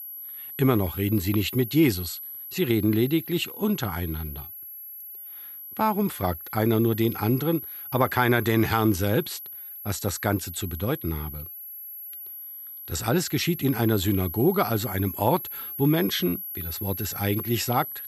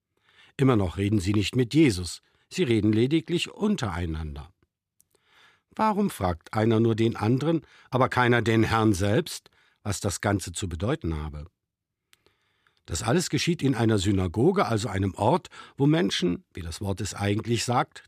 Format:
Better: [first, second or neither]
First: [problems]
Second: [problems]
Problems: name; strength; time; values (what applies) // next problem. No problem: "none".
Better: second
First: high-pitched whine; loud; throughout; 12 kHz, 10 dB below the speech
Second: none